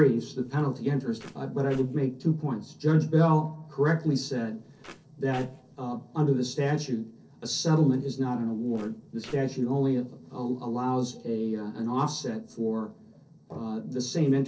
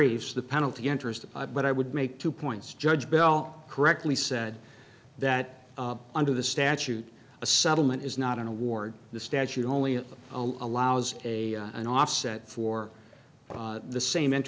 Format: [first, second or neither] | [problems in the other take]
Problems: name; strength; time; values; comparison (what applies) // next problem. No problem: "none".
second | noise reduction (neural separator model SepFormer DNS4)